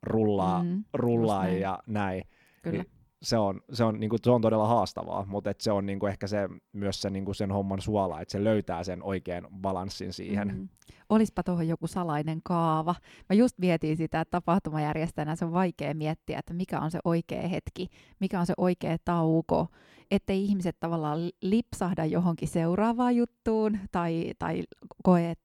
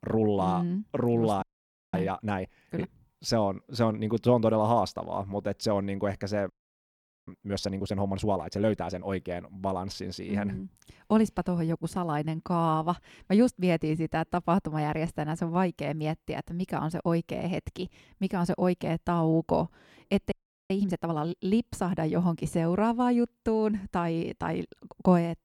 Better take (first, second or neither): first